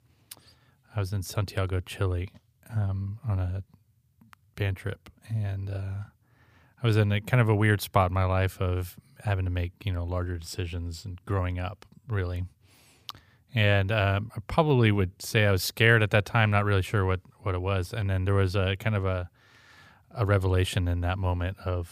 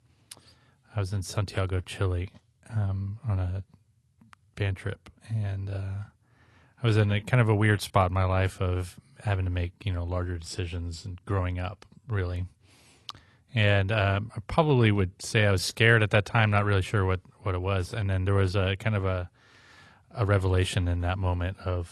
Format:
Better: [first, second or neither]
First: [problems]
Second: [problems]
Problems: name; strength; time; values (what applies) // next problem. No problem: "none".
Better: first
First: none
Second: garbled, watery; slightly; nothing above 12.5 kHz